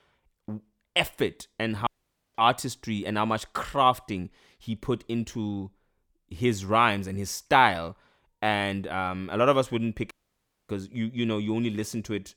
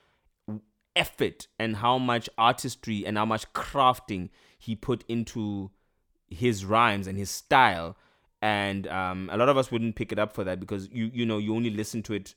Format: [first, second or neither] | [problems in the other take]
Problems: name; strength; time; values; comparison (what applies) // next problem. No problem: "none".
second | audio cutting out; at 2 s and at 10 s for 0.5 s